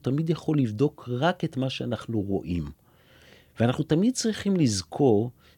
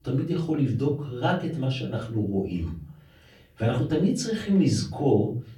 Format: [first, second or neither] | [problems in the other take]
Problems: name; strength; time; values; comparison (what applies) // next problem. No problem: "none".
first | off-mic speech; far // room echo; slight; dies away in 0.4 s